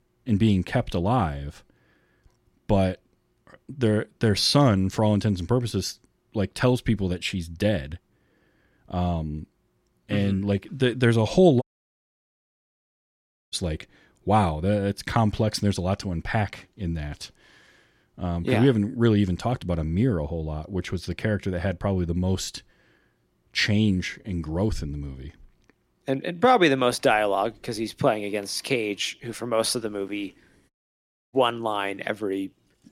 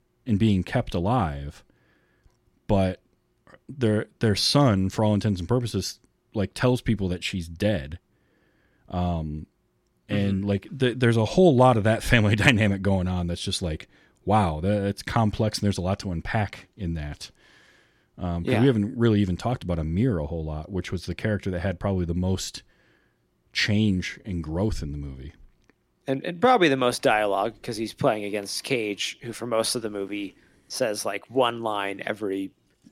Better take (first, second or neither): second